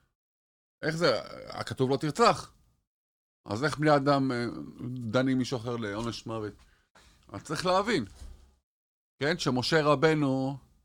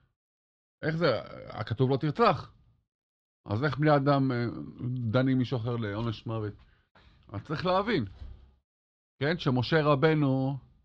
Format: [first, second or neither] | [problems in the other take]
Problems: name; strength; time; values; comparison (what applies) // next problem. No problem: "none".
first | muffled; very slightly; fading above 3.5 kHz